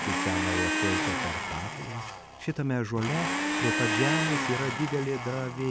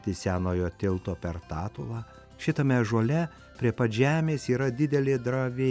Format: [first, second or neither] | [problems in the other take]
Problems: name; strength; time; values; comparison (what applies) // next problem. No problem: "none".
second | background sound (Domestic sounds, home sounds); 1 dB above the speech